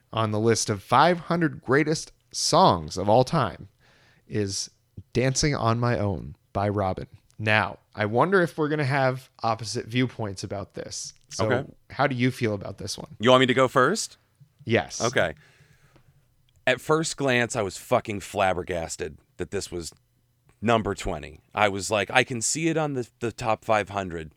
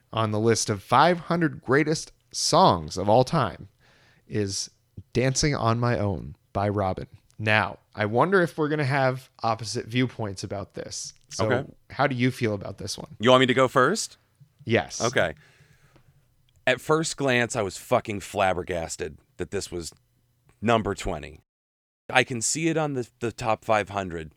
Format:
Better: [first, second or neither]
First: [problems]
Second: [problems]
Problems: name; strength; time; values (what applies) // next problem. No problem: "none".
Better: first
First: none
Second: audio cutting out; at 21 s for 0.5 s